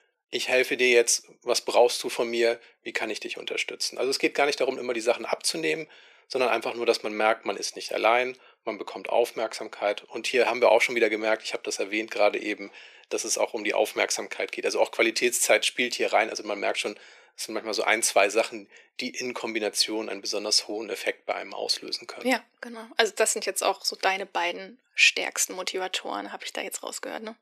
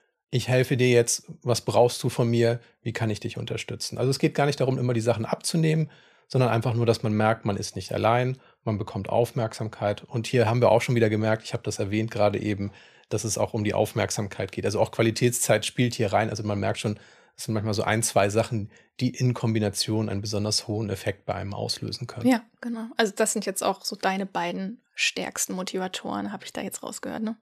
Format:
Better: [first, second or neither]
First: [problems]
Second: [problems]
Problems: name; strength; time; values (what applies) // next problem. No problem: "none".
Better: second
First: thin; very; fading below 350 Hz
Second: none